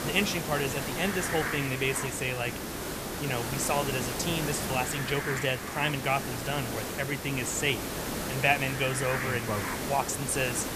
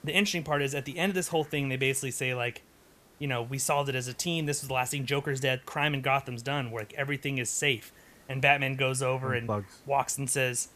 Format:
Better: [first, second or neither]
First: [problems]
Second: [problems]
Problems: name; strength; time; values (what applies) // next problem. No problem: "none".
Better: second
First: hiss; loud; throughout; 3 dB below the speech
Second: hiss; faint; throughout; 30 dB below the speech